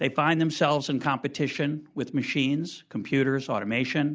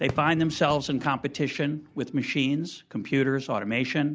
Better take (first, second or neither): first